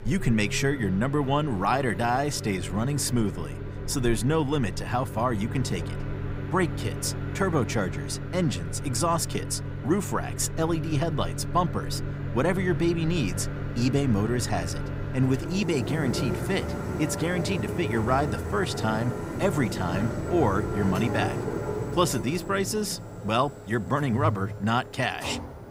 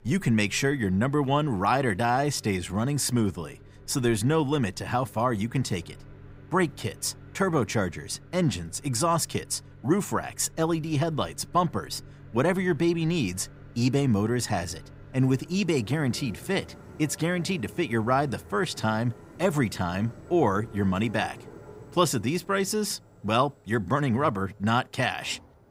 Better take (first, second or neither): second